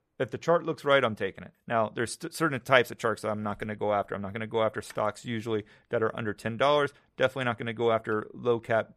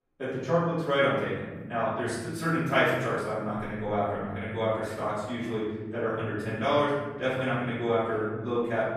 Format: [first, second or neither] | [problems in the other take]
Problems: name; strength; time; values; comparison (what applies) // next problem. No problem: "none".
first | off-mic speech; far // room echo; strong; dies away in 1.9 s